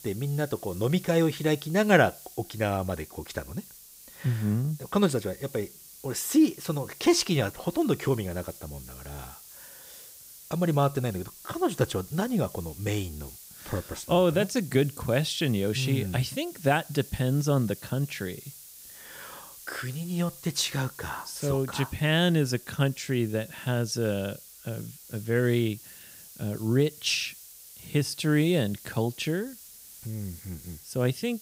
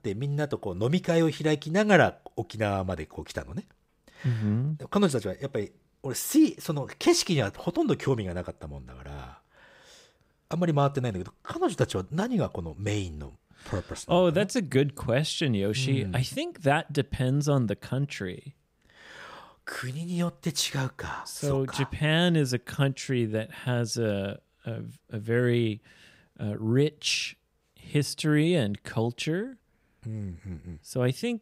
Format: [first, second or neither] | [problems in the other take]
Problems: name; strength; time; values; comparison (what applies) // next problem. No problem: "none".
second | hiss; noticeable; throughout; 15 dB below the speech